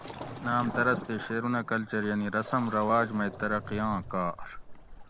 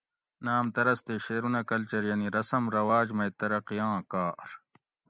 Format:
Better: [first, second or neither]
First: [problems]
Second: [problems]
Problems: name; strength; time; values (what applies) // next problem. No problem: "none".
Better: second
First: background sound (Waves, surf); 12 dB below the speech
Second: none